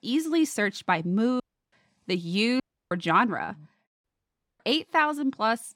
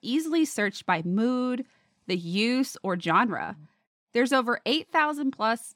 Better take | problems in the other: second | audio cutting out; at 1.5 s, at 2.5 s and at 4 s for 0.5 s

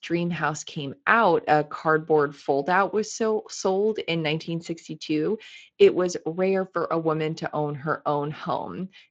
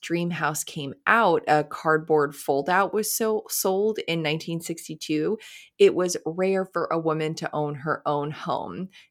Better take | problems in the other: second | garbled, watery; slightly

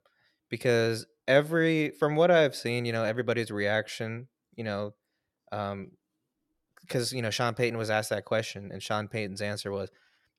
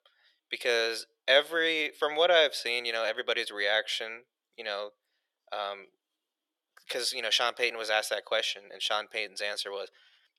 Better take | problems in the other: first | thin; very; fading below 500 Hz

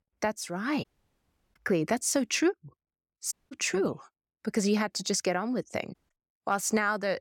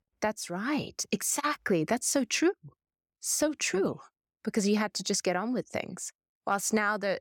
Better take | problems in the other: second | audio cutting out; at 1 s for 0.5 s, at 3.5 s and at 6 s

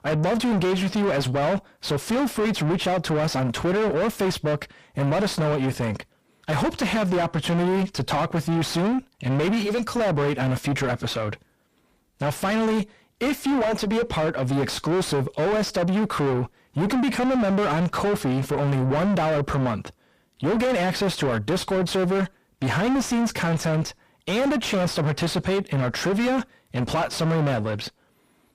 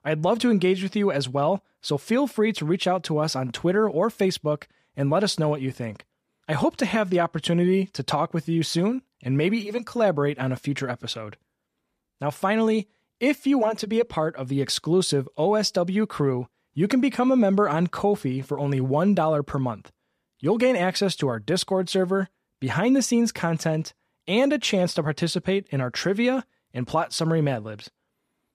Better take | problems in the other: second | distortion; heavy; 6 dB below the speech

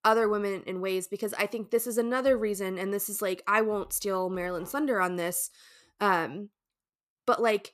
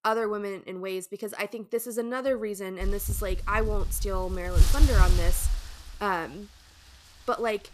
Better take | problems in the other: first | wind noise on the microphone; heavy; from 3 s on; 9 dB below the speech

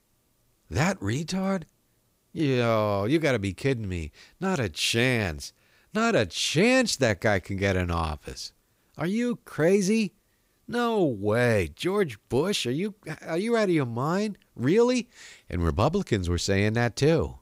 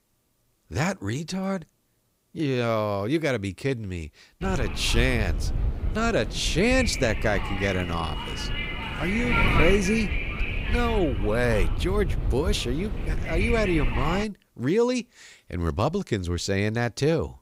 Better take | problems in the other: first | wind noise on the microphone; heavy; from 4.5 to 14 s; 2 dB below the speech

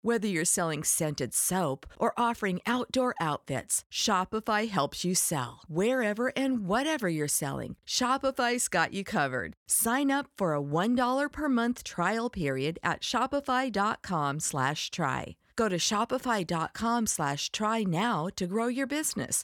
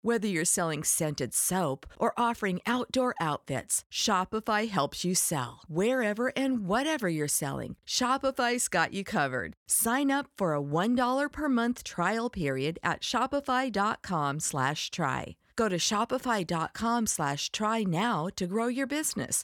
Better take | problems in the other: neither | none

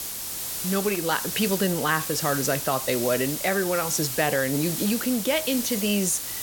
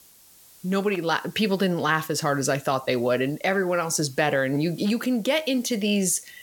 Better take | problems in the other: second | hiss; loud; throughout; 4 dB below the speech; faint in the second

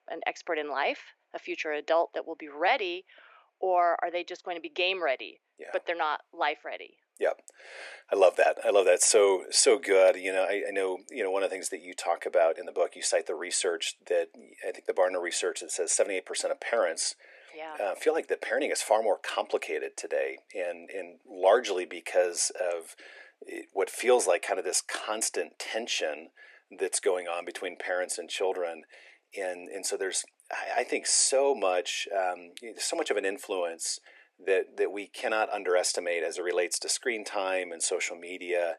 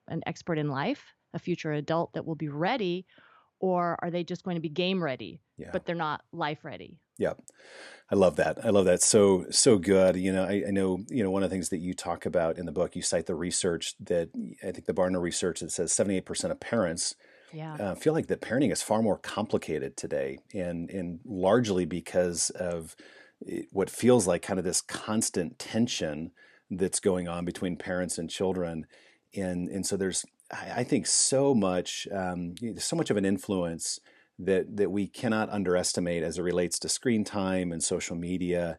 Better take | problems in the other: second | thin; very; fading below 350 Hz

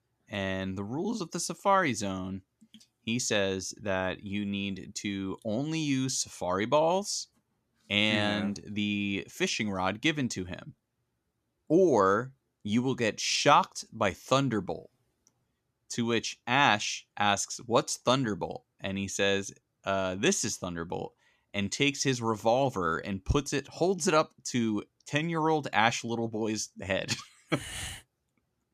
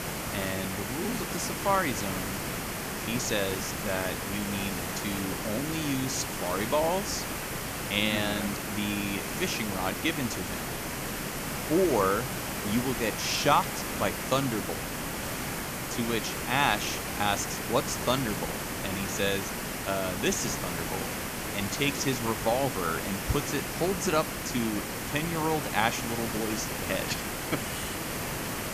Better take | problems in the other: first | hiss; loud; throughout; 2 dB below the speech

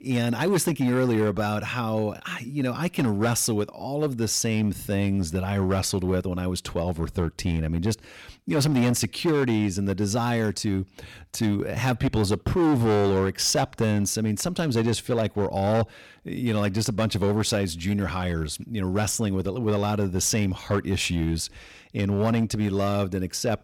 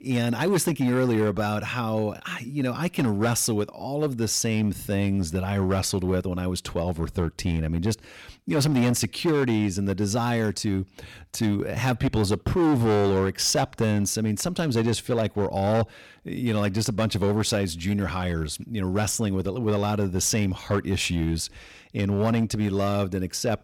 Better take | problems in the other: neither | distortion; slight; 8% of the sound clipped; the same in both

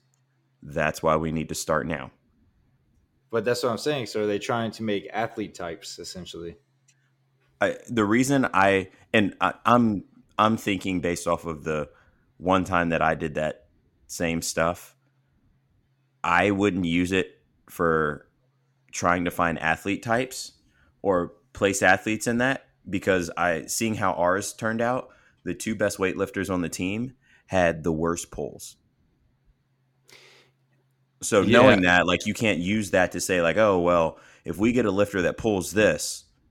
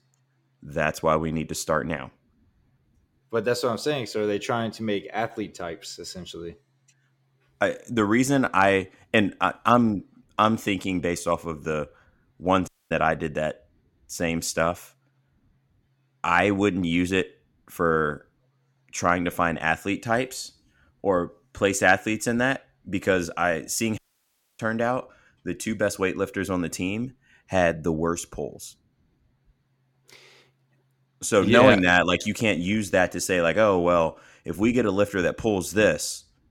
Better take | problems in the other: first | audio cutting out; at 13 s and at 24 s for 0.5 s

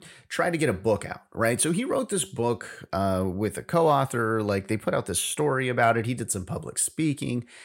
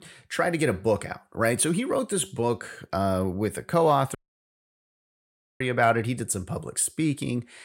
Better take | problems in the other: first | audio cutting out; at 4 s for 1.5 s

